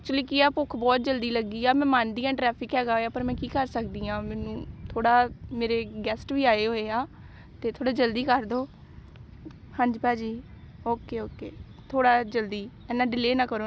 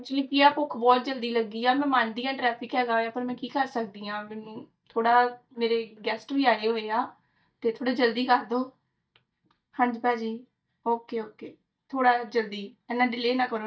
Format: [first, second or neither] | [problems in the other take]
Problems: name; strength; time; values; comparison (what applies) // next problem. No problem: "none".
first | noise reduction (neural mask model DeepFilterNet 3)